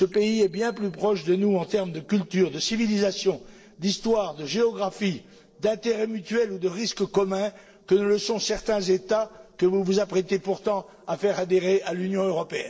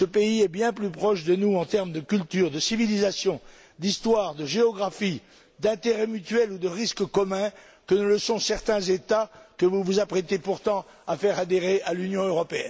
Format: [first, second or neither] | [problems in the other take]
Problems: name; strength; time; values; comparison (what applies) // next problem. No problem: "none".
second | noise reduction (neural separator model SepFormer DNS4)